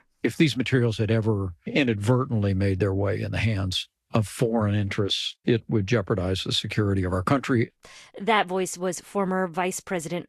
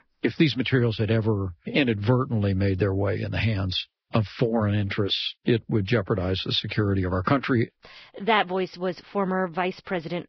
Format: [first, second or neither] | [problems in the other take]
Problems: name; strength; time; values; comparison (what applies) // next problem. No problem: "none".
first | garbled, watery; badly; nothing above 5.5 kHz; slightly in the first